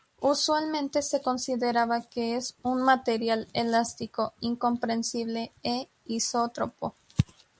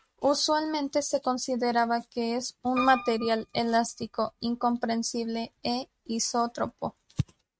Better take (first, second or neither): first